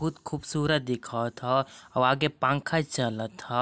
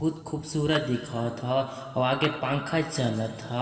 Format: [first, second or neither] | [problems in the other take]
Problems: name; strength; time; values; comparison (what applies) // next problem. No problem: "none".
first | background sound (Clapping); 18 dB below the speech // room echo; dies away in 2.4 s